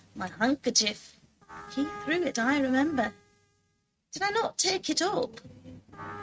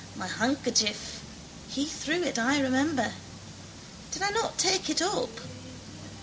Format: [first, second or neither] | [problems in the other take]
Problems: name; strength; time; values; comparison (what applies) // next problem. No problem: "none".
second | noise reduction (neural mask model RNNoise)